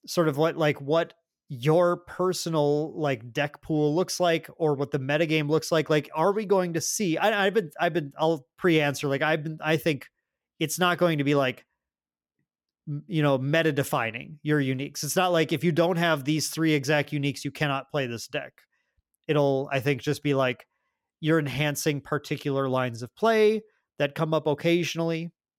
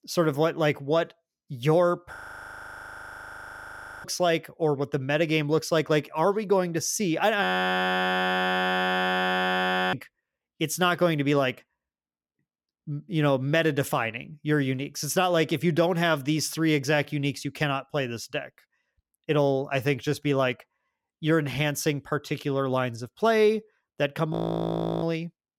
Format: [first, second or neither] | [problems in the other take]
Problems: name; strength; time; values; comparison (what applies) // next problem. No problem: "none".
first | audio freezing; at 2 s for 2 s, at 7.5 s for 2.5 s and at 24 s for 0.5 s